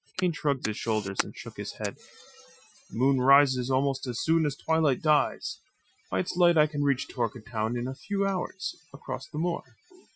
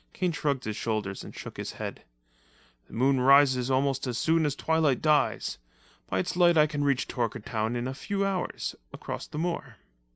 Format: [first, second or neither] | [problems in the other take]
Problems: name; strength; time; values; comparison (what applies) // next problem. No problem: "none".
second | noise reduction (classical method Wiener filter)